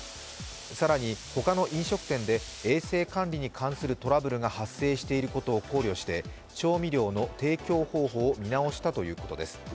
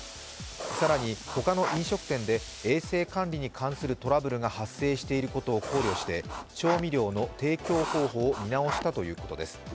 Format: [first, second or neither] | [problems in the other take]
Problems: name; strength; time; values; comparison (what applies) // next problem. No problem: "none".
first | background sound (Writing); 7 dB below the speech